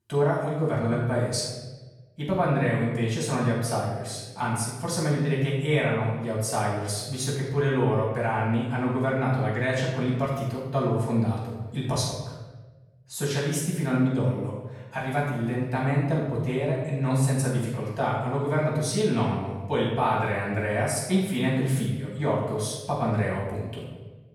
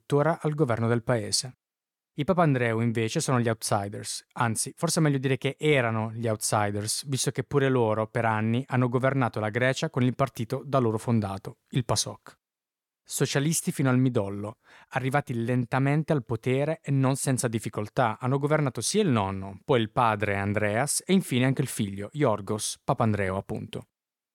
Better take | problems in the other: second | off-mic speech; far // room echo; noticeable; dies away in 1.1 s

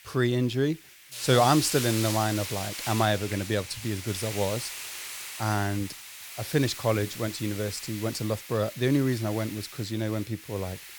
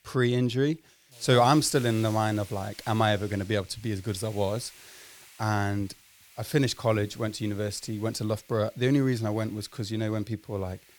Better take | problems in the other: second | hiss; loud; throughout; 8 dB below the speech; faint in the second

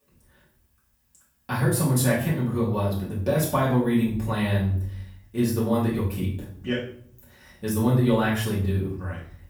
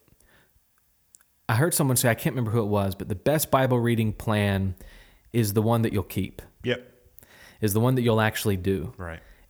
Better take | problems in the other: second | off-mic speech; far // room echo; noticeable; dies away in 0.5 s

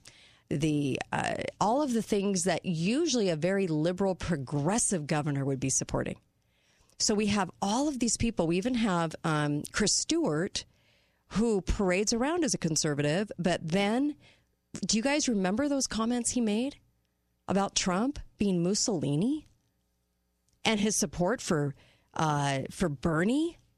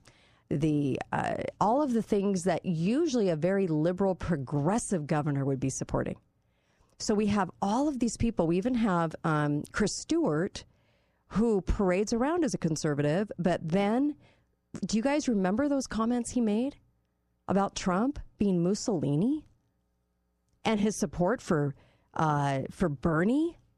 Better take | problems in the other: first | muffled; slightly; fading above 2 kHz

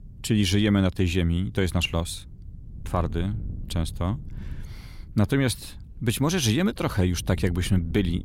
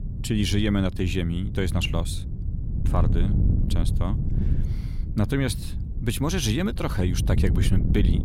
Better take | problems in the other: first | wind noise on the microphone; heavy; 10 dB below the speech; occasional gusts in the first

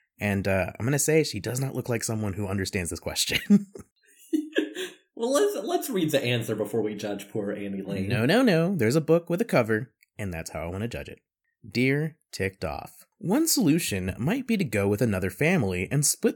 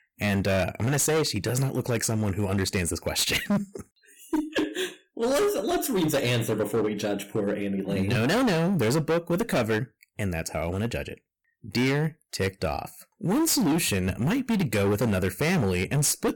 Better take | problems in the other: first | distortion; heavy; 16% of the sound clipped

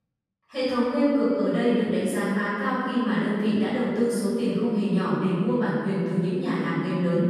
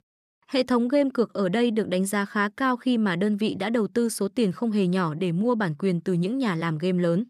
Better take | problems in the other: second | off-mic speech; far // room echo; strong; dies away in 2 s

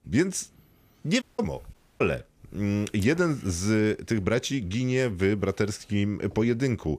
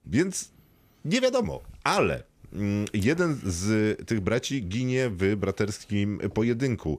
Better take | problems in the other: second | audio cutting out; at 1 s and at 1.5 s

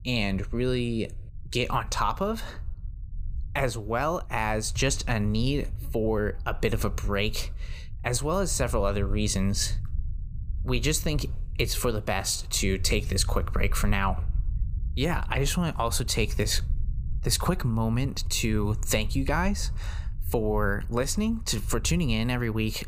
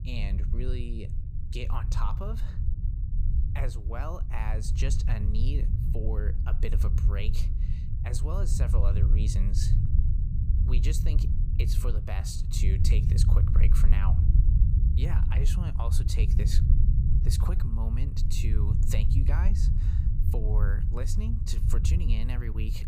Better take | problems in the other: first | low rumble; loud; throughout; 3 dB below the speech; faint in the first

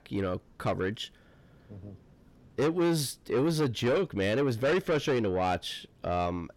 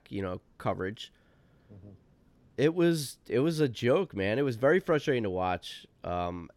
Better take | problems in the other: second | distortion; heavy; 8 dB below the speech

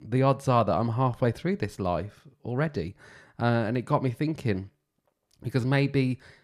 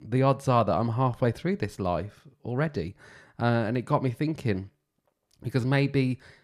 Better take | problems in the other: neither | none

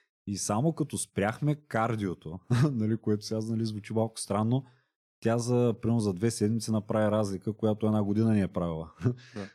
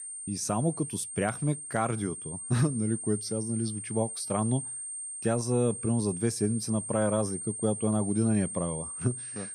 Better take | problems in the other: first | high-pitched whine; loud; throughout; 8.5 kHz, 6 dB below the speech

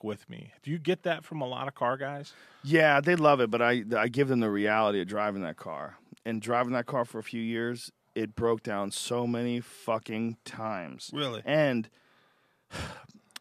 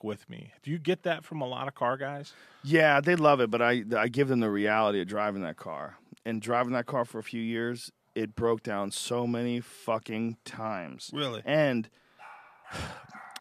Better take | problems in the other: first | dog barking; faint; from 12 s on; peak 20 dB below the speech

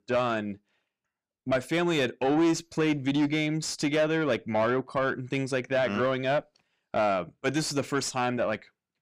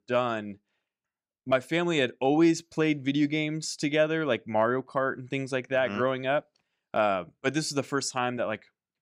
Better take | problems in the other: second | distortion; slight; 10 dB below the speech

